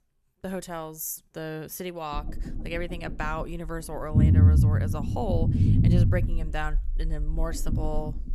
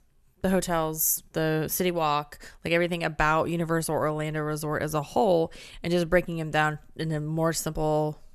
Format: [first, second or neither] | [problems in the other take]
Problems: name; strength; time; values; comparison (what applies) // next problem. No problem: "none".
second | low rumble; loud; from 2 s on; 1 dB below the speech